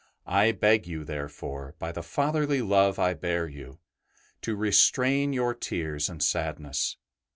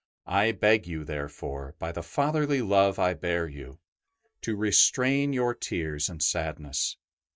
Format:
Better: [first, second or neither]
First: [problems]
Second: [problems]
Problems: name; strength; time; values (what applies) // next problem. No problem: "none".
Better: first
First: none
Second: noise reduction (neural mask model DeepFilterNet 3)